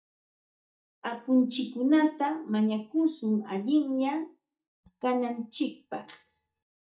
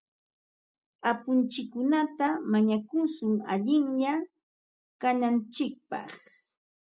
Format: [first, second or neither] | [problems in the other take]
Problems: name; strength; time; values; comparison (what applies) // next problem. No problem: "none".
second | noise reduction (neural mask model DeepFilterNet 3)